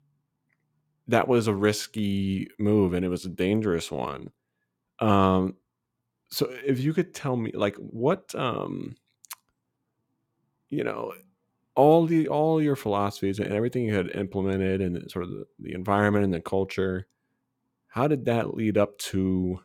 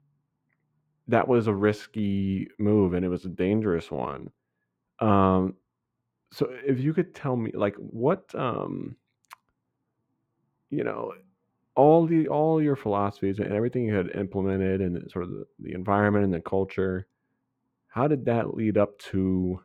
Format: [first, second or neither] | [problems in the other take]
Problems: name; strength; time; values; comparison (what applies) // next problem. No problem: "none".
first | muffled; slightly; fading above 3.5 kHz